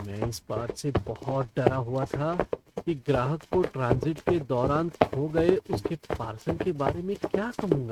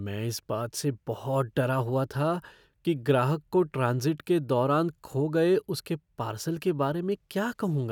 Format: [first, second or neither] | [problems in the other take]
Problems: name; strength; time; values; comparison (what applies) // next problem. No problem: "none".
second | noise reduction (neural mask model RNNoise)